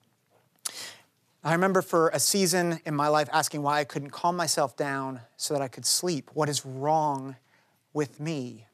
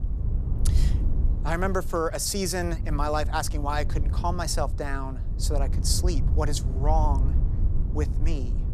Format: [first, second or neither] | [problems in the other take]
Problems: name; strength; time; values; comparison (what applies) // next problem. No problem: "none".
first | wind noise on the microphone; occasional gusts; 15 dB below the speech